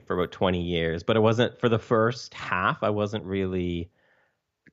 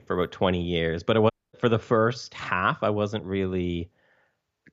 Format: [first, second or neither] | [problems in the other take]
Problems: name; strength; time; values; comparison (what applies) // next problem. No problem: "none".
first | audio cutting out; at 1.5 s